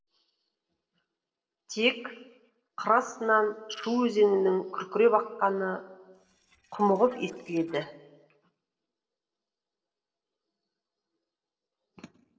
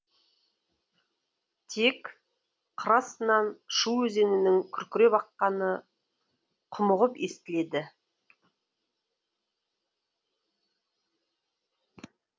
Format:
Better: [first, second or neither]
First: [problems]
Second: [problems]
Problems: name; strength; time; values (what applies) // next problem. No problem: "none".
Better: second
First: noise reduction (neural separator model SepFormer DNS4)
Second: none